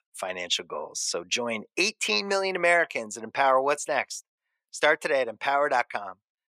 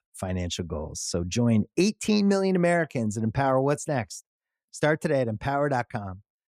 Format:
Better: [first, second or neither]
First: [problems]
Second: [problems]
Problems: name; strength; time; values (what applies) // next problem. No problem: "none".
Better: second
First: thin; very; fading below 600 Hz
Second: none